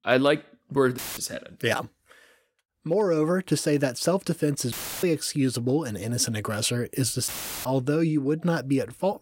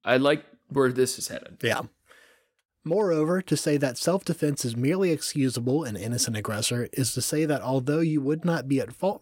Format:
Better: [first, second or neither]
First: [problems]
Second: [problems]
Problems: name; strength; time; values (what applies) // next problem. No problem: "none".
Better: second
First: audio cutting out; filled with static; at 1 s, at 4.5 s and at 7.5 s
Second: none